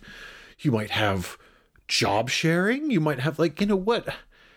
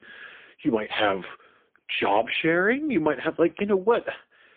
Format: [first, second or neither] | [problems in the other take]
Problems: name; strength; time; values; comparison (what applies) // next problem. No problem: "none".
first | phone-call audio; poor line; nothing above 3 kHz